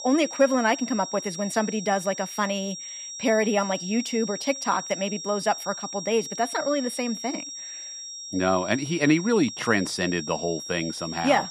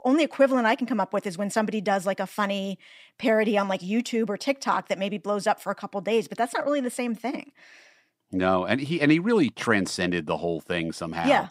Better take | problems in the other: second | high-pitched whine; loud; throughout; 5.5 kHz, 9 dB below the speech

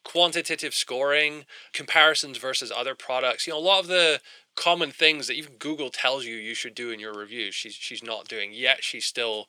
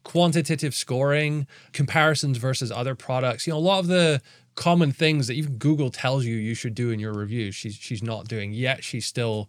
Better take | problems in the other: second | thin; very; fading below 400 Hz

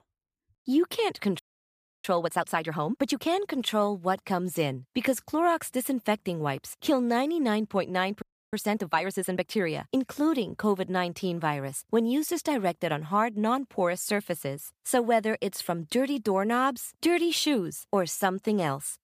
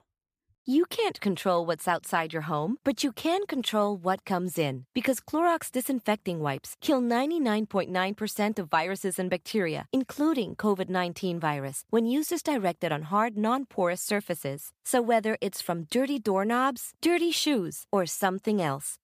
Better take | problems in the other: second | audio freezing; at 1.5 s for 0.5 s and at 8 s

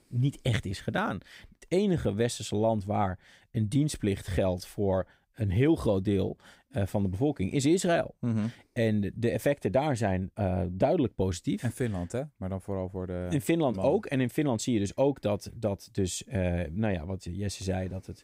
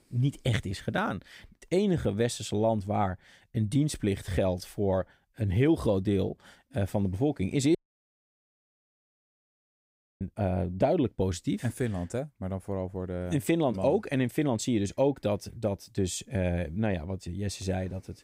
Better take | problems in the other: first | audio cutting out; at 8 s for 2.5 s

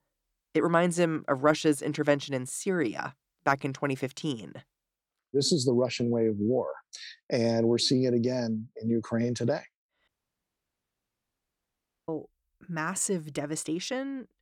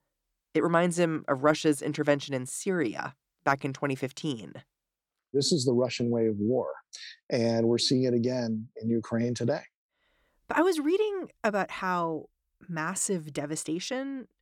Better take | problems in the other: second | audio cutting out; at 10 s for 2 s

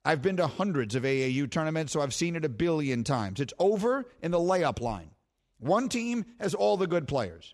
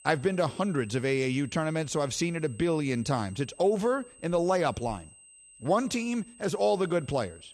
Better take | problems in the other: first | high-pitched whine; faint; throughout; 8 kHz, 25 dB below the speech

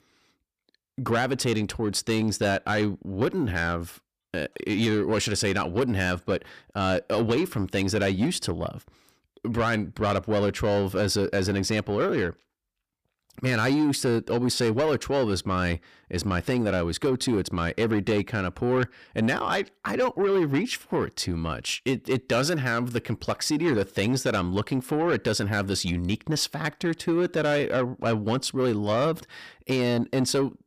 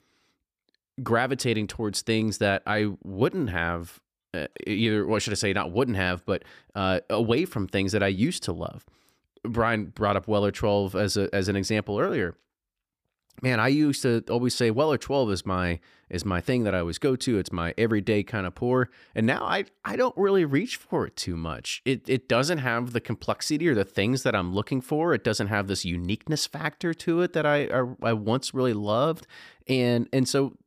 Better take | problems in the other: second | distortion; slight; 10 dB below the speech

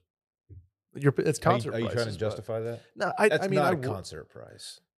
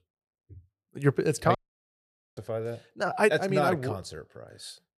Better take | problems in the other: first | audio cutting out; at 1.5 s for 1 s

